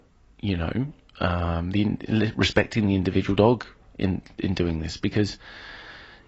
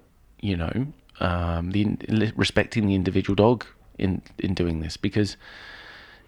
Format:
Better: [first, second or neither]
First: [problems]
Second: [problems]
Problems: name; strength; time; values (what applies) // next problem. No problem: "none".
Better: second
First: garbled, watery; badly; nothing above 7.5 kHz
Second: none